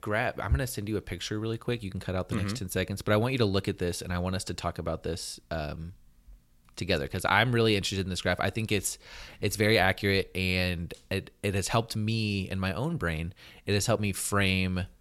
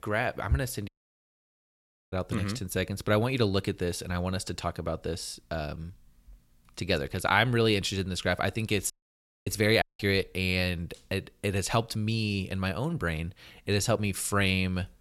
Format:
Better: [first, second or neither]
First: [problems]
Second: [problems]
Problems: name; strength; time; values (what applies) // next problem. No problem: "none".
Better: first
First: none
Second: audio cutting out; at 1 s for 1 s, at 9 s for 0.5 s and at 10 s